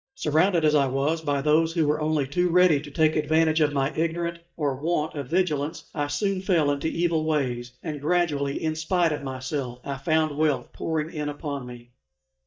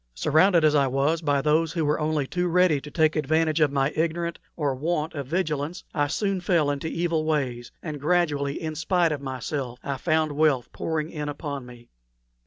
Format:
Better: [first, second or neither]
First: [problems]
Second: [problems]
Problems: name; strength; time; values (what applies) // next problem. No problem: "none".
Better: second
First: noise reduction (neural mask model DeepFilterNet 3)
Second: none